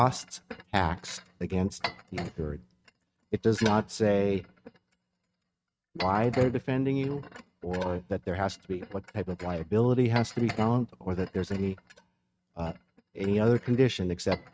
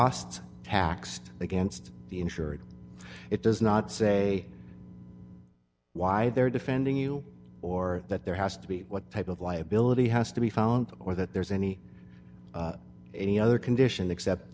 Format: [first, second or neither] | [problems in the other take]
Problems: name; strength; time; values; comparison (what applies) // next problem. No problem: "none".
second | noise reduction (neural mask model RNNoise)